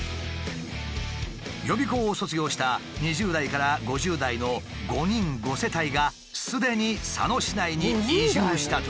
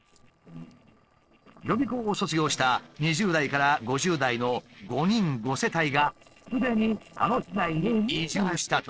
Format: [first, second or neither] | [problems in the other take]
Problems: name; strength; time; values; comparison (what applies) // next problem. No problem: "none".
first | noise reduction (neural separator model SepFormer DNS4)